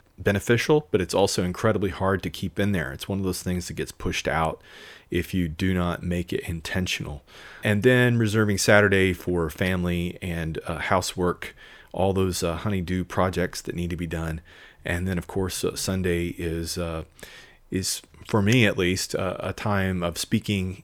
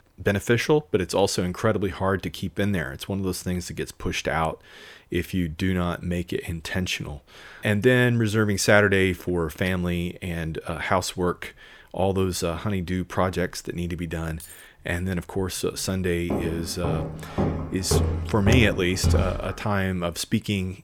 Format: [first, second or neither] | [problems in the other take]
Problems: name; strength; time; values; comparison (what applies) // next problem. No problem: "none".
first | jangling keys; faint; at 14 s; peak 15 dB below the speech // footsteps; loud; from 16 to 20 s; peak 1 dB above the speech